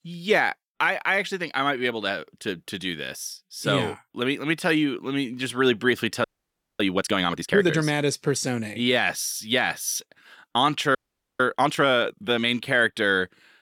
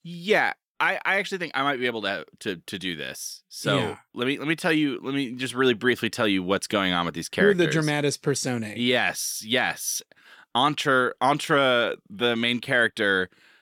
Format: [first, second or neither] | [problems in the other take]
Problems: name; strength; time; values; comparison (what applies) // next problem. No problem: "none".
second | audio freezing; at 6 s for 0.5 s and at 11 s